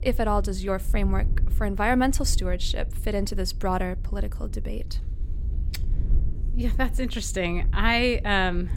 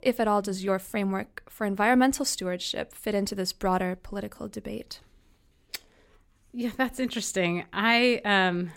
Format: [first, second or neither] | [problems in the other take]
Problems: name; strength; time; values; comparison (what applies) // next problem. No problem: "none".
second | wind noise on the microphone; occasional gusts; 20 dB below the speech